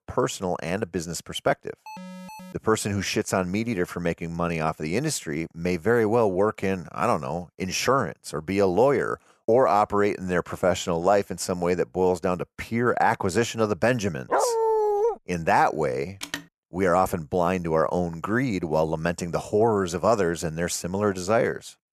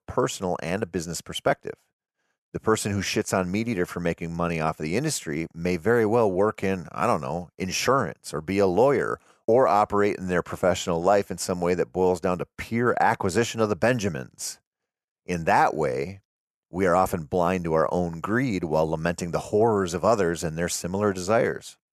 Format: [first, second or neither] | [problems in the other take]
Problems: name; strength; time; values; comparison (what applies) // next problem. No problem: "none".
second | alarm; faint; at 2 s; peak 15 dB below the speech // dog barking; loud; at 14 s; peak 2 dB above the speech // phone ringing; noticeable; at 16 s; peak 10 dB below the speech